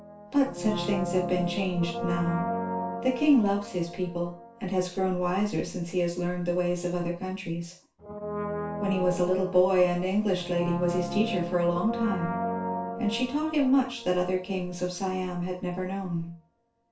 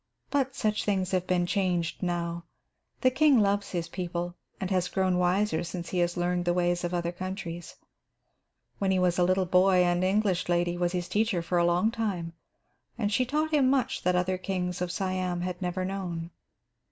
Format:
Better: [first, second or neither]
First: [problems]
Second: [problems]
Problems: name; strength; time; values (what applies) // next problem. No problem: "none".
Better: second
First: background sound (Brass instrument); 8 dB below the speech // room echo; dies away in 0.3 s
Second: none